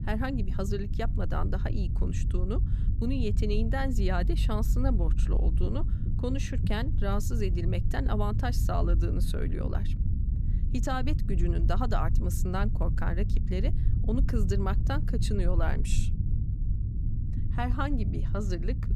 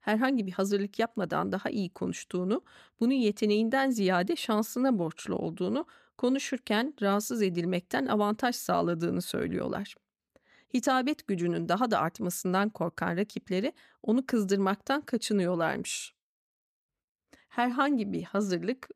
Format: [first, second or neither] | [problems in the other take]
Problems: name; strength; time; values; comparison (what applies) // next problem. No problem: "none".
second | low rumble; loud; throughout; 9 dB below the speech